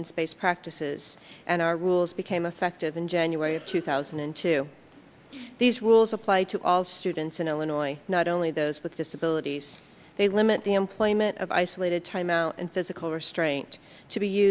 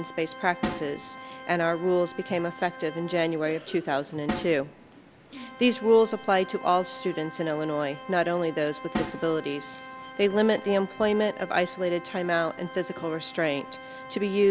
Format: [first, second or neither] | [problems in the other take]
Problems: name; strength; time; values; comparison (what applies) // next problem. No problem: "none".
first | background sound (Organ + Snare drum); 13 dB below the speech